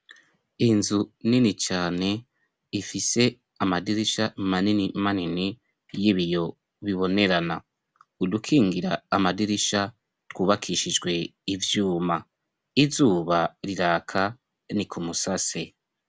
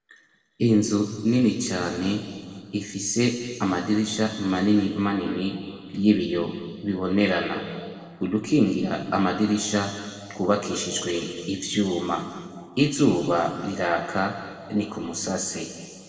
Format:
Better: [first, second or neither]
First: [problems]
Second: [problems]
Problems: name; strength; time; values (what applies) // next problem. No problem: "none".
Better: first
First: none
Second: noise reduction (neural separator model SepFormer DNS4)